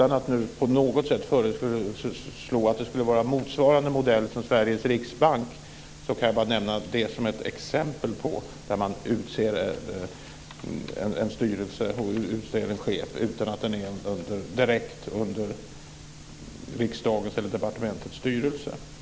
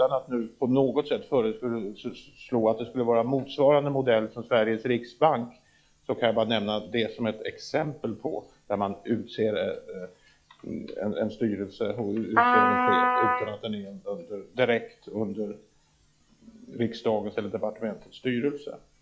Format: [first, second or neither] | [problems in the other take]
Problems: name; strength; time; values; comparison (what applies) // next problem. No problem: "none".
first | noise reduction (classical method log-MMSE)